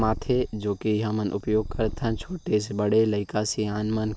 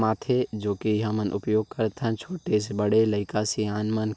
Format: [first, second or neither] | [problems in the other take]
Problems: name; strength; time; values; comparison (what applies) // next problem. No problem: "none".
second | background sound (Purr); 12 dB below the speech